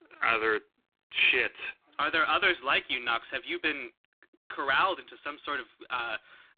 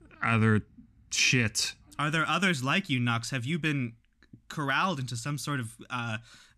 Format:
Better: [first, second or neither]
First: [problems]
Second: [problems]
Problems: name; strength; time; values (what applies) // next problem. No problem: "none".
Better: second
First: phone-call audio; poor line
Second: none